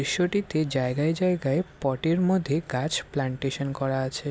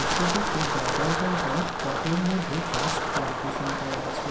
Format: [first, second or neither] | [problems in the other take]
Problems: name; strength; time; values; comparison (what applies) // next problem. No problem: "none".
first | background sound (Wind); 3 dB above the speech // room echo; dies away in 0.5 s